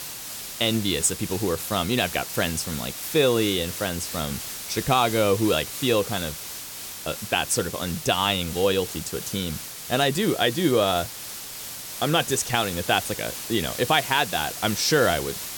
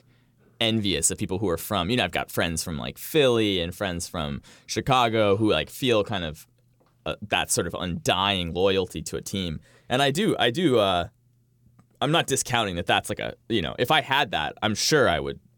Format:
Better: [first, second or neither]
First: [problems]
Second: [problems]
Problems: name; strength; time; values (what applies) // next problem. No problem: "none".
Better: second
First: hiss; loud; throughout; 8 dB below the speech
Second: none